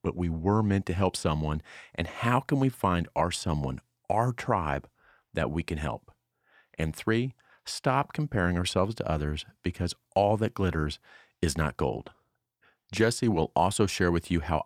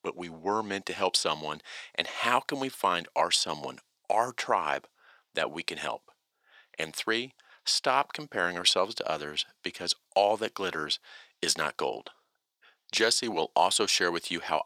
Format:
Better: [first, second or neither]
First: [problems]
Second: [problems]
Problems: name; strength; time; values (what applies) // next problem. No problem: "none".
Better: first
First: none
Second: thin; very; fading below 450 Hz